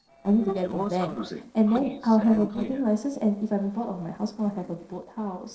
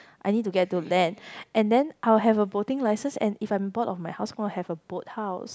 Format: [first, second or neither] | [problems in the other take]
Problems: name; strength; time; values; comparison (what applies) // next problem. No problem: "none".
second | noise reduction (neural separator model SepFormer DNS4)